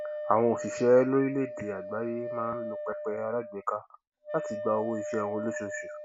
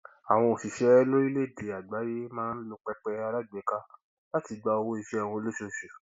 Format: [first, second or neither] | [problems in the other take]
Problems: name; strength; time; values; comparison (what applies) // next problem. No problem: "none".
second | background sound (Wind instrument, woodwind instrument); 8 dB below the speech